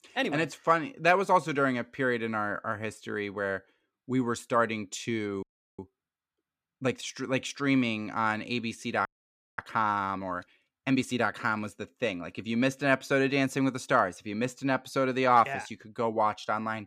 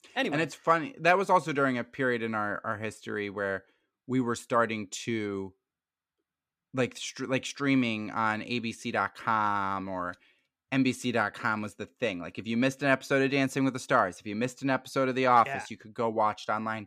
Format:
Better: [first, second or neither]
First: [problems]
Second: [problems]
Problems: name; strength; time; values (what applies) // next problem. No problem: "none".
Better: second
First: audio freezing; at 5.5 s and at 9 s for 0.5 s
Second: none